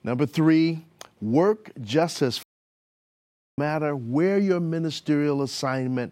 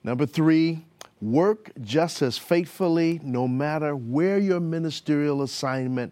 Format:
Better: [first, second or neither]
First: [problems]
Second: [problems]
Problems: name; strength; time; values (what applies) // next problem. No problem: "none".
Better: second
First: audio cutting out; at 2.5 s for 1 s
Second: none